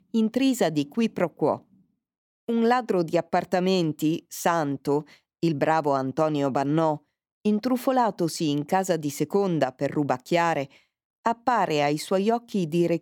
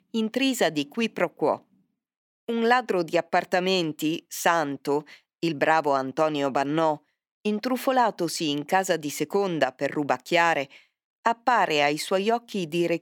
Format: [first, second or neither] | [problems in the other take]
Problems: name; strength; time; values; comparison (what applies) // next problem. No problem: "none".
first | thin; very slightly; fading below 350 Hz